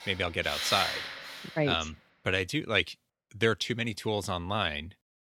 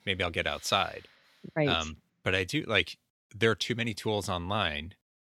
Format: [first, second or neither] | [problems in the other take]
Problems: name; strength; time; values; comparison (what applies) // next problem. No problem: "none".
second | machinery noise; loud; until 1 s; 4 dB below the speech; faint in the second